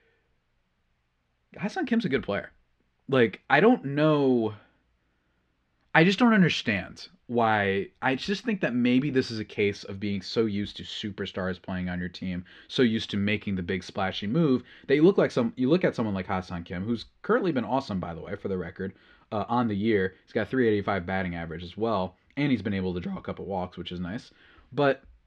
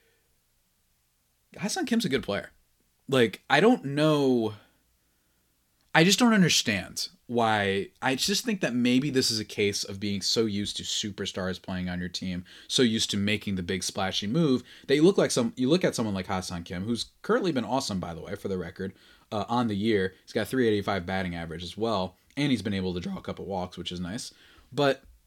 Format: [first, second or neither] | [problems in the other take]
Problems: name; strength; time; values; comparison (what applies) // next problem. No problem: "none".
second | muffled; slightly; fading above 2 kHz